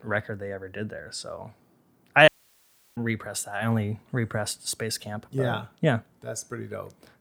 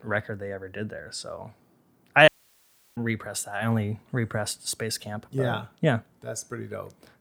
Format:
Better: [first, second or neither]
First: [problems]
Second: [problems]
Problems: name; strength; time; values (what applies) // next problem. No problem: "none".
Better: neither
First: audio cutting out; at 2.5 s for 0.5 s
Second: audio cutting out; at 2.5 s for 0.5 s